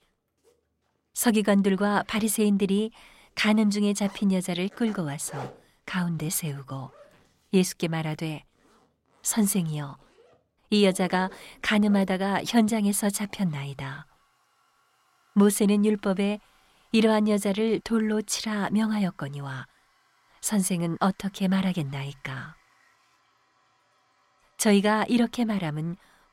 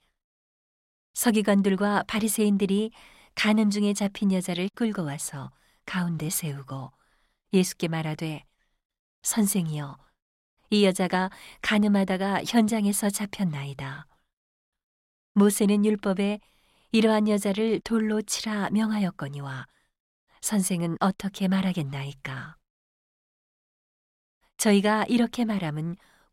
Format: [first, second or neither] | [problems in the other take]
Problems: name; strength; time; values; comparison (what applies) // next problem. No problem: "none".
second | household noises; faint; throughout; 30 dB below the speech